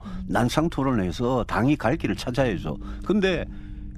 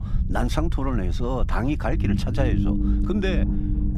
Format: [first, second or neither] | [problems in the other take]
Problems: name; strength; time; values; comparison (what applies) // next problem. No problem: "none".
first | low rumble; loud; throughout; 7 dB below the speech; faint in the first